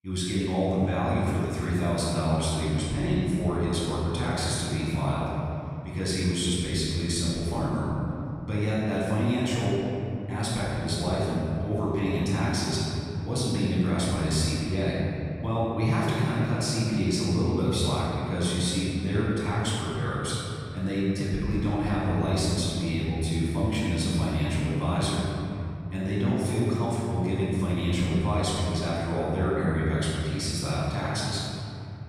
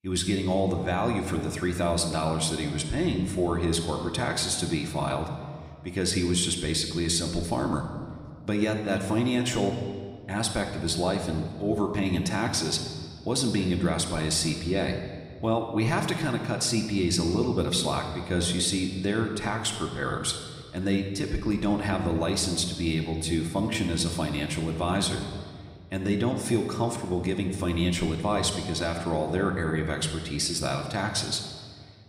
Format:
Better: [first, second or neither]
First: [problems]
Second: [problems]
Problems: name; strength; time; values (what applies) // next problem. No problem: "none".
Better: second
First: room echo; strong; dies away in 3 s // off-mic speech; far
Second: room echo; slight; dies away in 1.4 s